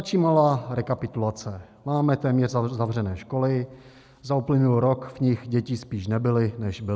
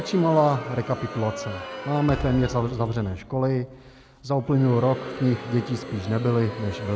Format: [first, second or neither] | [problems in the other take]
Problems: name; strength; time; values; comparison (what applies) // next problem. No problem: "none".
first | background sound (Explosion + Crowd); 11 dB below the speech